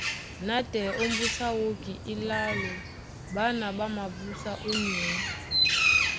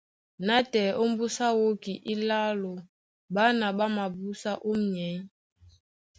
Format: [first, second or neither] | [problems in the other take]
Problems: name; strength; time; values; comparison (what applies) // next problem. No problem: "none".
second | background sound (Bird); 2 dB above the speech